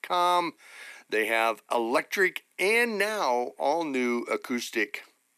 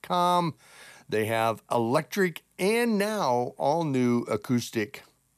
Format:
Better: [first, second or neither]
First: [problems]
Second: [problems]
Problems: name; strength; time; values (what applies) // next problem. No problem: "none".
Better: second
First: thin; very slightly; fading below 300 Hz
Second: none